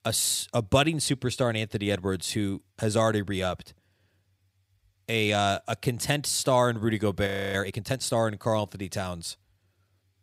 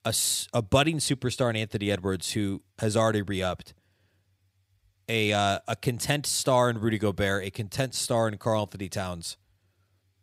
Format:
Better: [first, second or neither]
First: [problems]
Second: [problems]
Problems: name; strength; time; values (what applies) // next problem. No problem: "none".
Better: second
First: audio freezing; at 7.5 s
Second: none